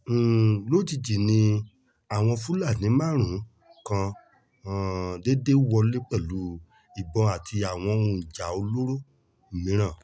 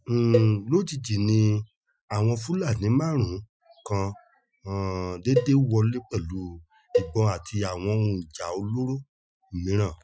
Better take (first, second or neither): first